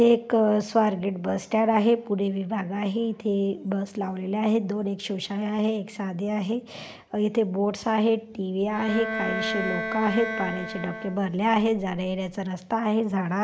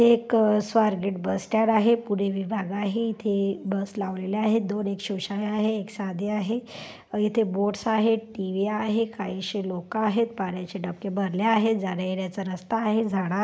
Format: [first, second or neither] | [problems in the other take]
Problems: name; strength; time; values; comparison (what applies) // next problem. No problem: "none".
second | background sound (Bowed string instrument); 7 dB below the speech